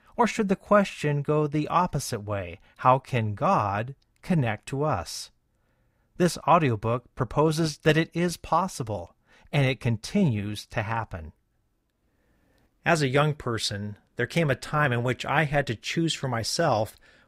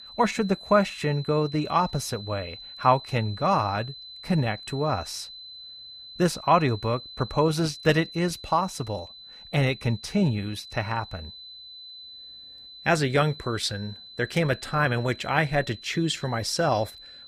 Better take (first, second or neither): first